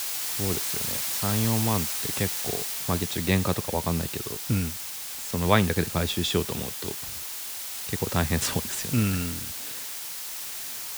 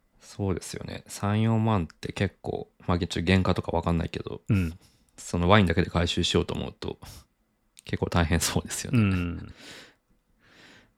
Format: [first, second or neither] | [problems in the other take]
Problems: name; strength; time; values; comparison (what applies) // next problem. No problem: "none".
second | hiss; loud; throughout; 2 dB below the speech